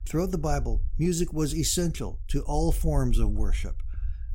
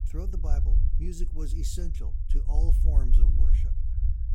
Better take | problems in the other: first | low rumble; loud; throughout; 3 dB below the speech; faint in the first

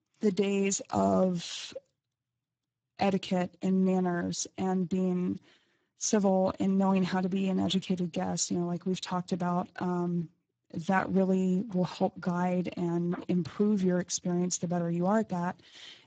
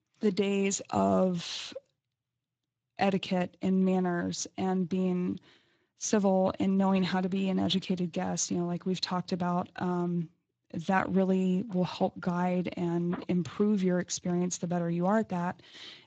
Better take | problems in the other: second | garbled, watery; badly; nothing above 7.5 kHz; slightly in the second

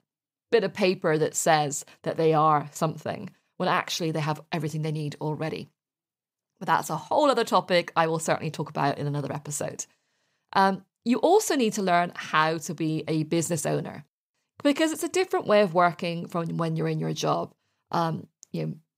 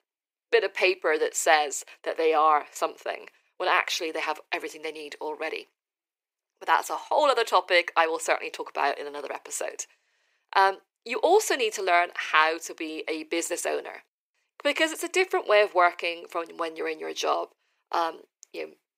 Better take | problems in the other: first | thin; very; fading below 350 Hz

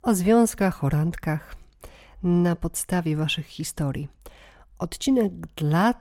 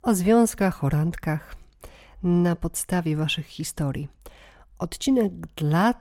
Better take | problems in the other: neither | none

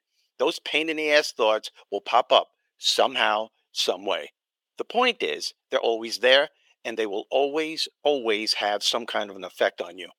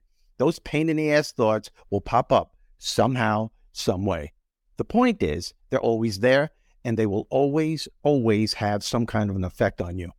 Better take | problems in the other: second | thin; very; fading below 450 Hz

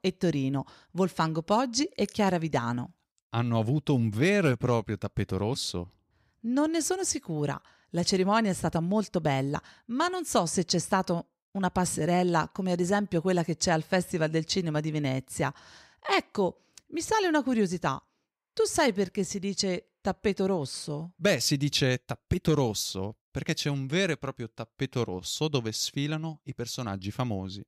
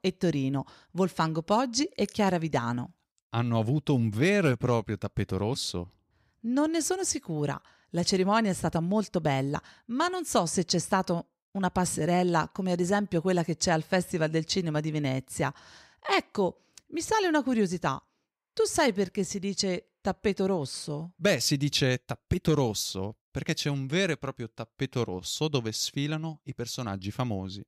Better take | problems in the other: neither | none

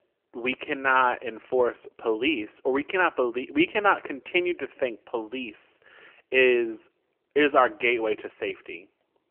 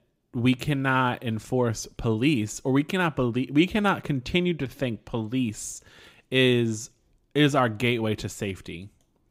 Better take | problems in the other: second | phone-call audio; nothing above 3 kHz

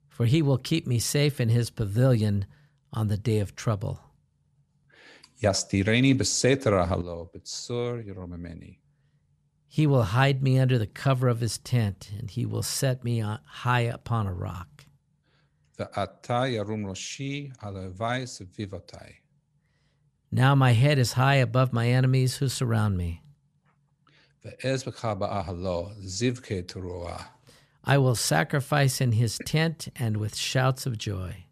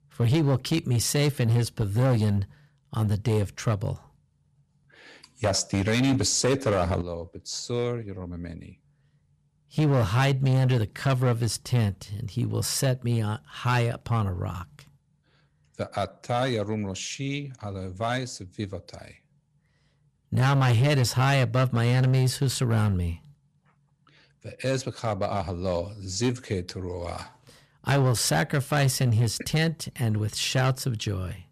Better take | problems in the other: first | distortion; slight; 7% of the sound clipped

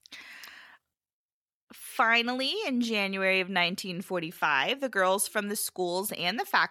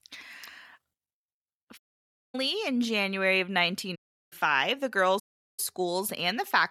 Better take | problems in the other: first | audio cutting out; at 2 s for 0.5 s, at 4 s and at 5 s

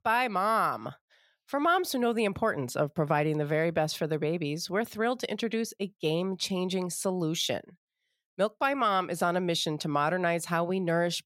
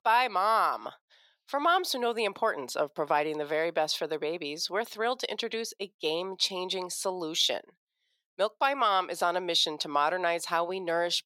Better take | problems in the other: first | thin; somewhat; fading below 400 Hz

